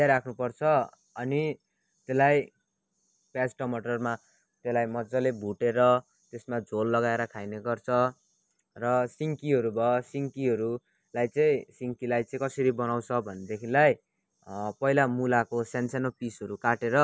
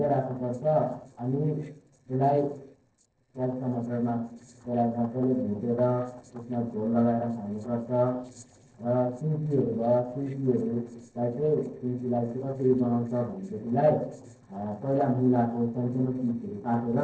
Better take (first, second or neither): first